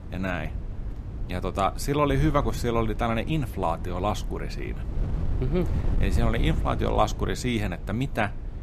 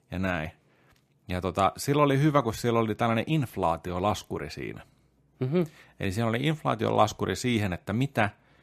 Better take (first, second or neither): second